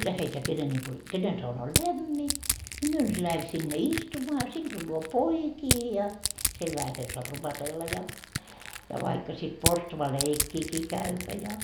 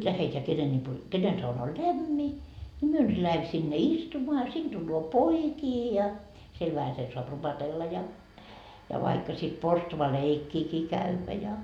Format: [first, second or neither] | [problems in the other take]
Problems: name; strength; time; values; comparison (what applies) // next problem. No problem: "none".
second | background sound (Crushing); 4 dB below the speech